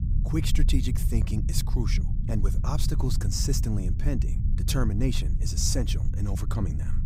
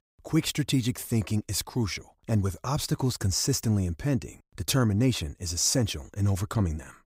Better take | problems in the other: second | low rumble; loud; throughout; 9 dB below the speech

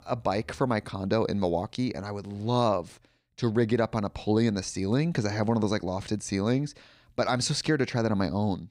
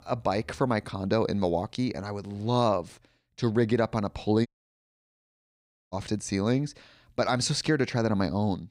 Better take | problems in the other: first | audio cutting out; at 4.5 s for 1.5 s

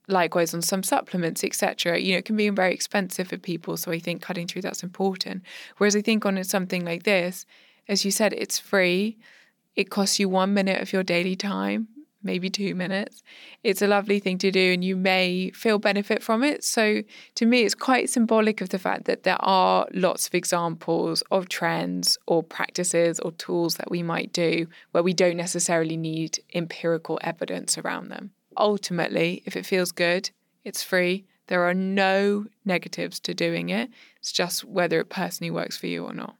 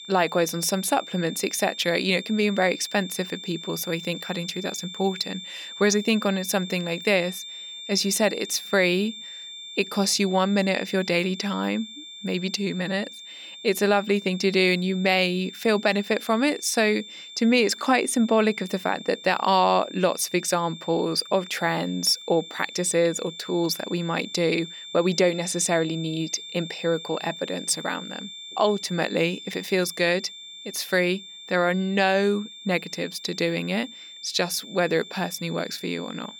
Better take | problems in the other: first | high-pitched whine; noticeable; throughout; 3.5 kHz, 15 dB below the speech

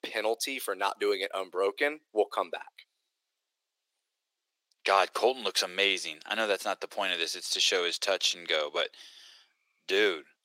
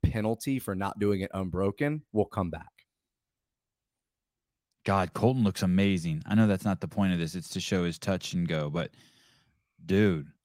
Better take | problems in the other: second | thin; very; fading below 400 Hz

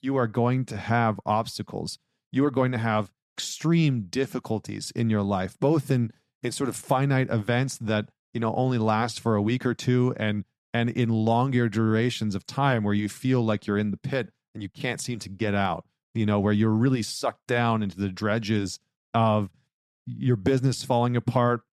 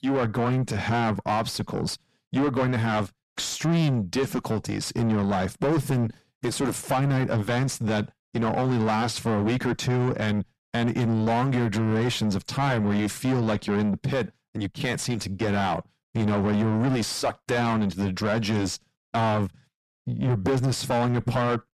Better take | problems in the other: first | distortion; heavy; 7 dB below the speech

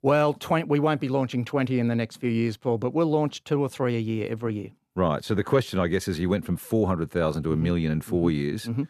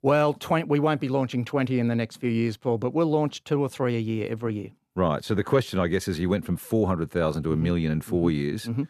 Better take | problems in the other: neither | none

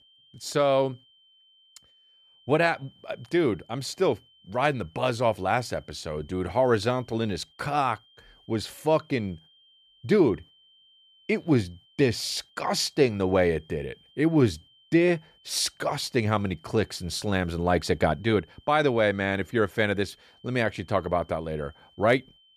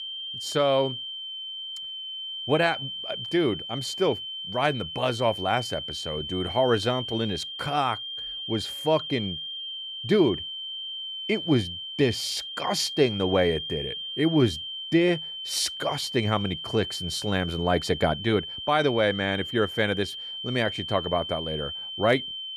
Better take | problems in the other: first | high-pitched whine; loud; throughout; 3 kHz, 6 dB below the speech; faint in the first

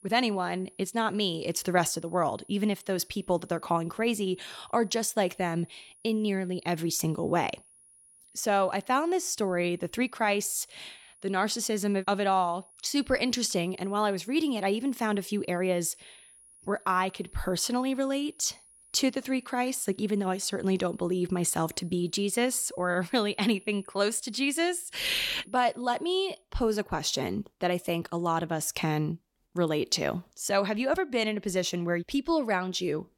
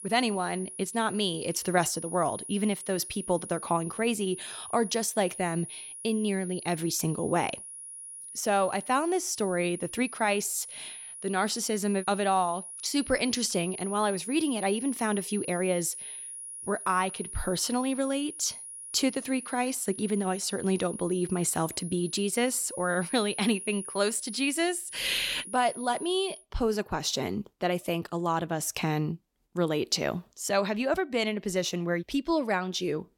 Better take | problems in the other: first | high-pitched whine; loud; until 26 s; 10.5 kHz, 10 dB below the speech; faint in the first

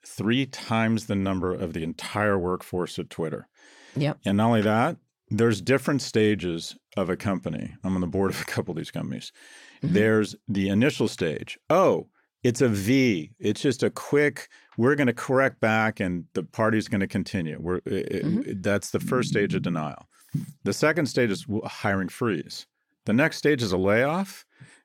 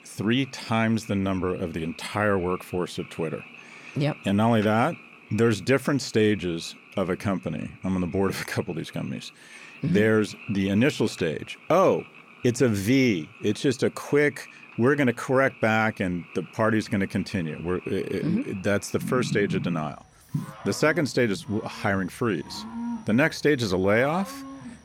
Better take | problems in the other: first | animal sounds; noticeable; throughout; 20 dB below the speech

